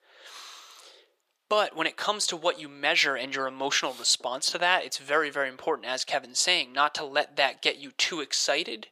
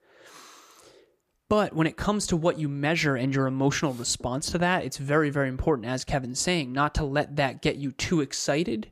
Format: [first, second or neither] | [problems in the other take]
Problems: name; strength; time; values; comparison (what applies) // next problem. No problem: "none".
second | thin; very; fading below 650 Hz